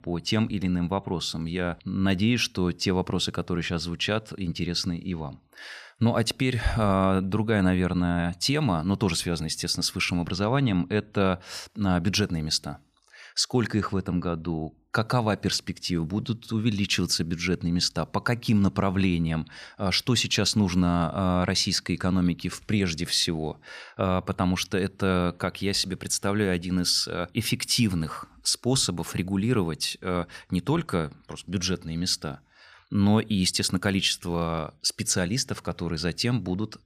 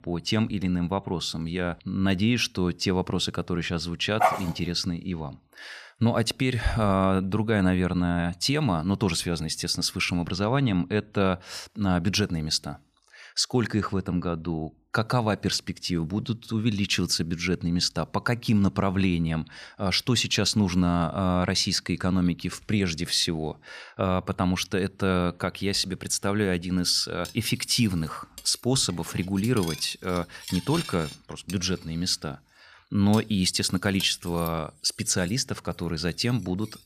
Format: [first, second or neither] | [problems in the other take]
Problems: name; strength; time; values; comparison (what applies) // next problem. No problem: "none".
first | dog barking; loud; at 4 s; peak 1 dB above the speech // clattering dishes; noticeable; from 27 s on; peak 8 dB below the speech